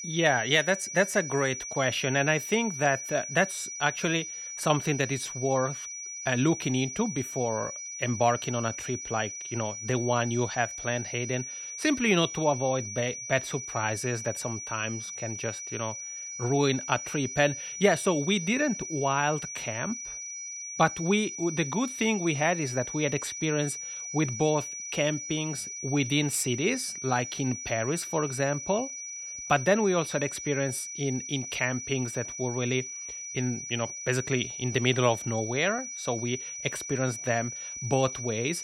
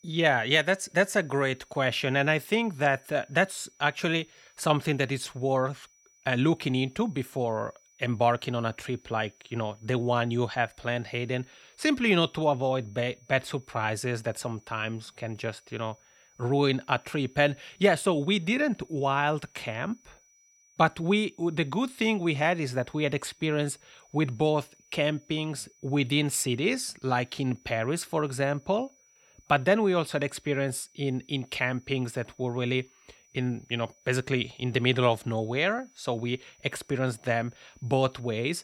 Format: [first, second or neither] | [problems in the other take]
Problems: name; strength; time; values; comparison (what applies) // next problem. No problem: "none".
second | high-pitched whine; loud; throughout; 6 kHz, 7 dB below the speech; faint in the second